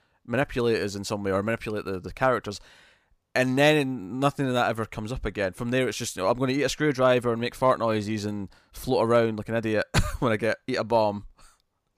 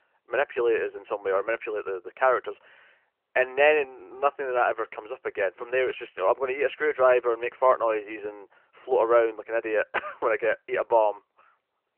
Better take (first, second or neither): first